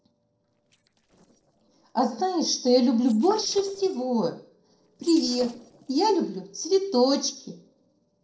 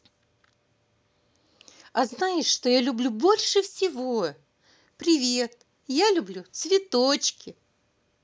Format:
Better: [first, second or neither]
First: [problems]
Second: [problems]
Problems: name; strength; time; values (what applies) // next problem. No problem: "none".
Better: second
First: noise reduction (neural separator model SepFormer DNS4)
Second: none